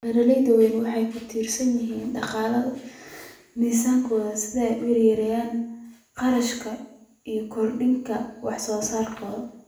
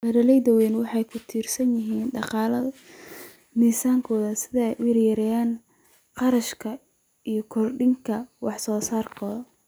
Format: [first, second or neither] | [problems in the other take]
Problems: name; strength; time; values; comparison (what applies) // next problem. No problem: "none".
second | room echo; dies away in 0.6 s